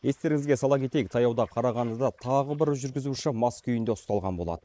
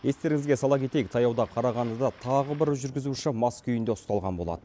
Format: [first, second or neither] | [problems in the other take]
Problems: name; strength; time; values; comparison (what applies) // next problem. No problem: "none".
second | noise reduction (neural mask model Resemble Enhance denoiser)